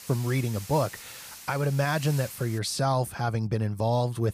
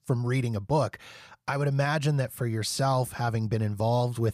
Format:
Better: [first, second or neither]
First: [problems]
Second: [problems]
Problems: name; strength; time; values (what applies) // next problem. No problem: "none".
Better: second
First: hiss; noticeable; until 2.5 s; 15 dB below the speech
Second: none